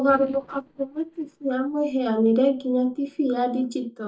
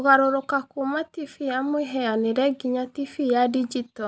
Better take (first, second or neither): second